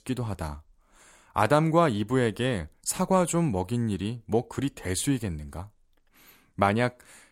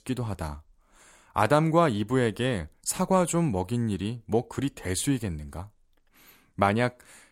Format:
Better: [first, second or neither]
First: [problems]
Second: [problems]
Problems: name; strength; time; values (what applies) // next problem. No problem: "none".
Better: neither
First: none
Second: none